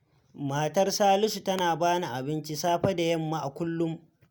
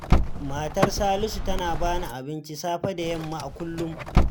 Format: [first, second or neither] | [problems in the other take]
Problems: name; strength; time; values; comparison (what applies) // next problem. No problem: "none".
first | background sound (Car); 3 dB above the speech